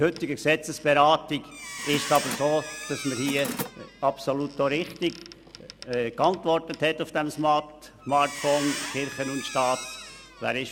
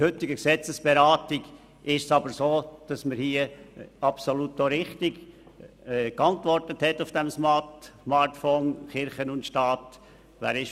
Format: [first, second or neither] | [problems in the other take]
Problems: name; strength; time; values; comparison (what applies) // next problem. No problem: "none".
second | background sound (Squeak + Mechanisms); 12 dB below the speech